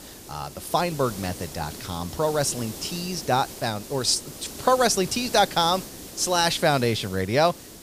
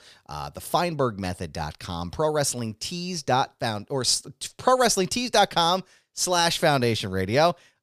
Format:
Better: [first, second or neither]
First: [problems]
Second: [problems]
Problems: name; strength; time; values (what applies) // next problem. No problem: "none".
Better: second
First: hiss; noticeable; throughout; 15 dB below the speech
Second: none